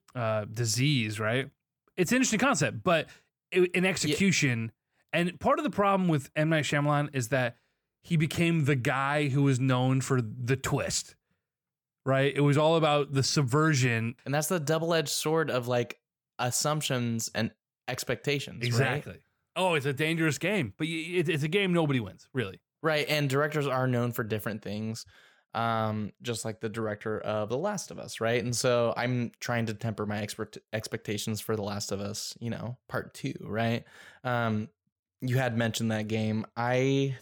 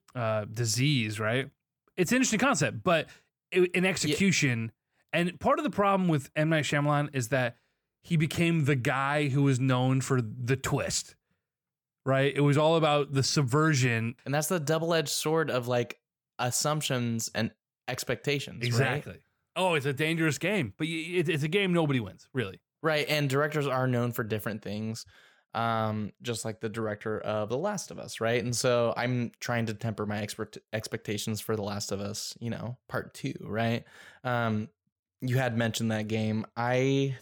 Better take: neither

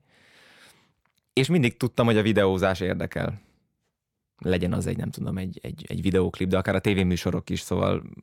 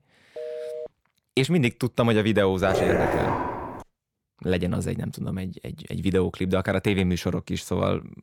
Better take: first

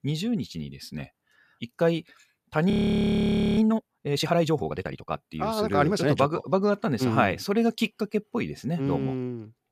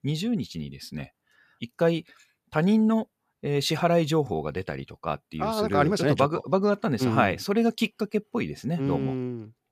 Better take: second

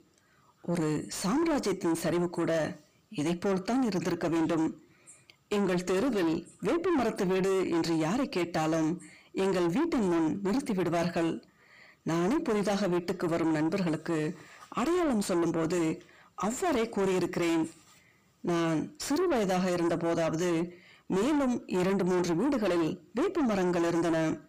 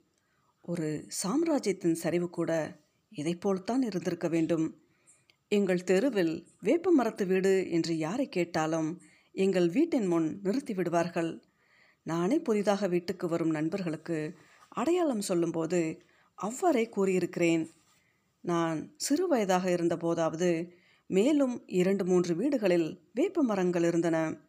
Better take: second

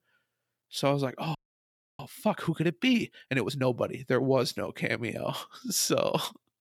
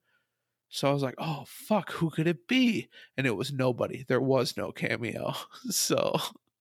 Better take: second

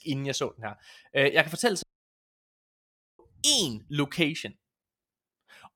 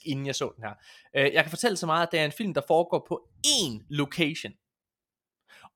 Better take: second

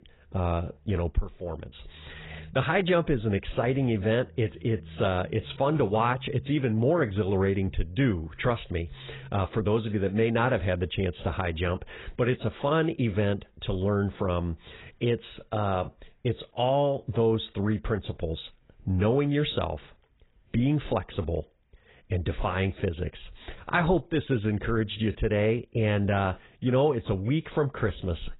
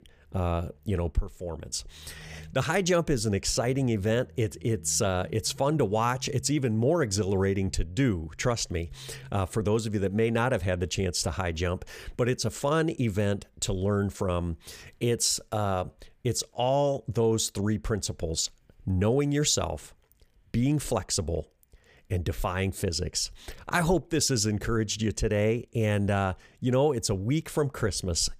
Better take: second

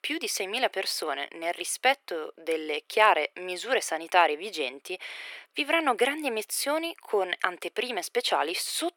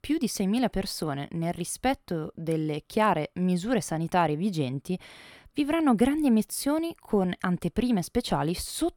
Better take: second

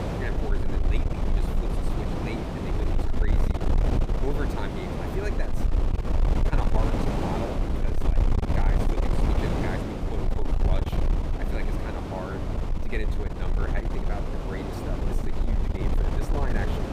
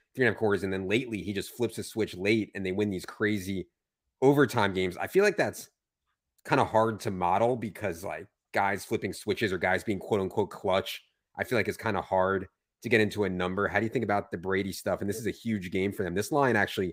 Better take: second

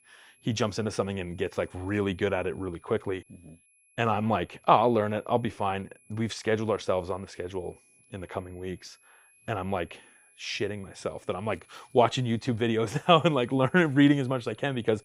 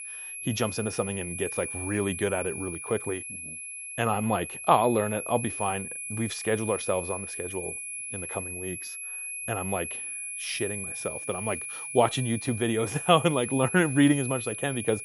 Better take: first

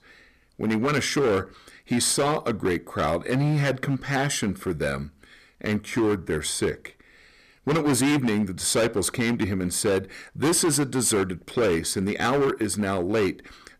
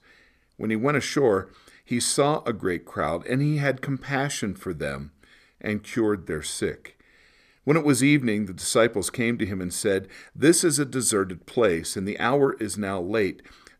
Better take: second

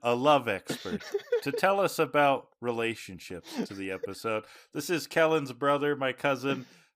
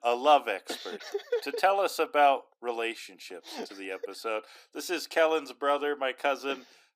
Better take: first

